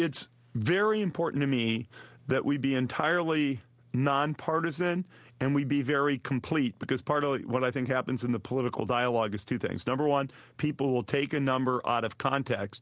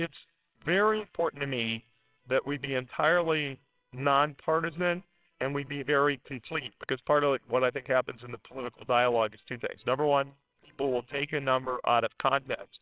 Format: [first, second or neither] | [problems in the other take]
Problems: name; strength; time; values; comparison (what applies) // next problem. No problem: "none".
first | noise reduction (neural separator model SepFormer WHAMR!)